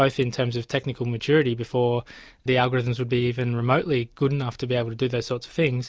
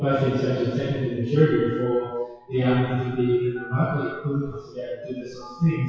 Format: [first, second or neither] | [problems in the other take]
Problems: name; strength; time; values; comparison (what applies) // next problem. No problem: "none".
first | noise reduction (classical method WPE with log-MMSE)